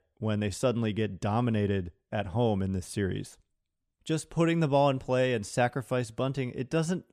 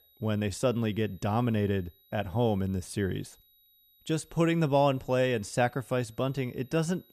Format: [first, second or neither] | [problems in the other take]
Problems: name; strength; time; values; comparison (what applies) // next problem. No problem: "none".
first | high-pitched whine; faint; throughout; 12 kHz, 30 dB below the speech